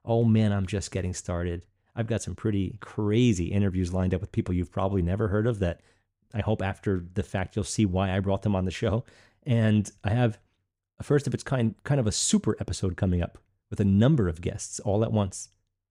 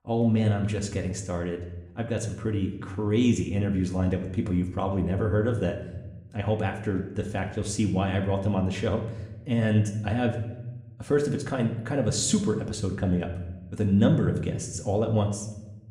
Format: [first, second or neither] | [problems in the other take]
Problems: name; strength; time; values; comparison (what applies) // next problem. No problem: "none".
first | room echo; slight; dies away in 0.7 s